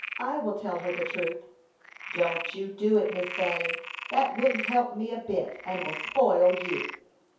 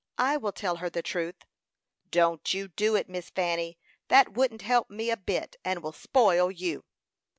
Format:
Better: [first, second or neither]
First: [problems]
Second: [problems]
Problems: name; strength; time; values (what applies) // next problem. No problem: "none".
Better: second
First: background sound (Frog); 9 dB below the speech // room echo; dies away in 0.6 s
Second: none